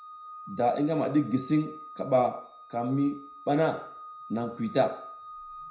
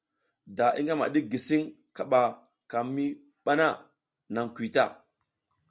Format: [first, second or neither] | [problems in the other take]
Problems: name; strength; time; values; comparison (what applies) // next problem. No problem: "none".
second | background sound (Organ); 16 dB below the speech // room echo; dies away in 0.5 s